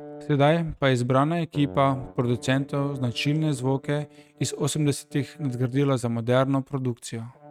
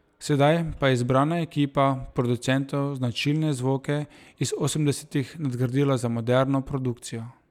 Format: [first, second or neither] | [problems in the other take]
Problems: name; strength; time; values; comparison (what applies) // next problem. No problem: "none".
second | noise reduction (neural mask model RNNoise)